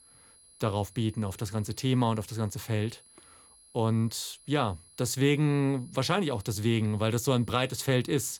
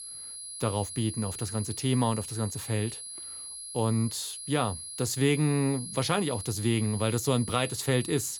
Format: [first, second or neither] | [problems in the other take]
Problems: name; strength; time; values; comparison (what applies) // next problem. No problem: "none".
first | high-pitched whine; loud; throughout; 10.5 kHz, 8 dB below the speech; faint in the first